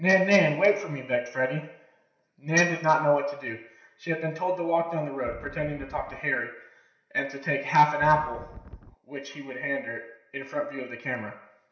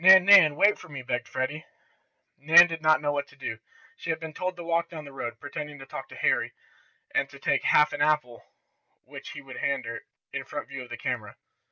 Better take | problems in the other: second | background sound (Wind); 16 dB below the speech // room echo; dies away in 0.7 s

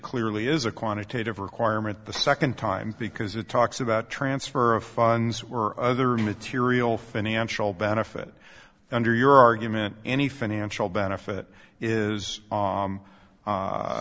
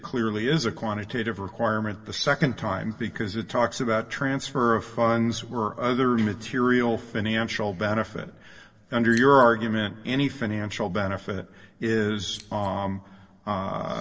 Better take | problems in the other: first | noise reduction (neural separator model SepFormer DNS4)

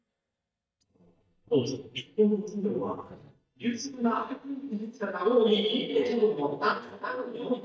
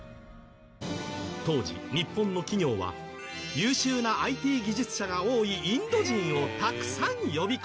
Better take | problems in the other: second | noise reduction (neural mask model DeepFilterNet 3)

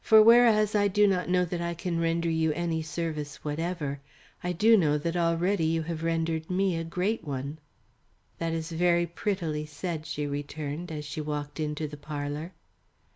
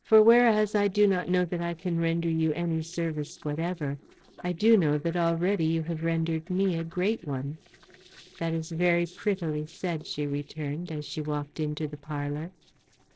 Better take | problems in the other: first | noise reduction (neural separator model SepFormer DNS4)

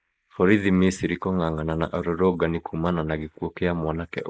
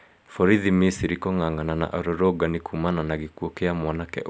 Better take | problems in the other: second | noise reduction (neural mask model Resemble Enhance denoiser)

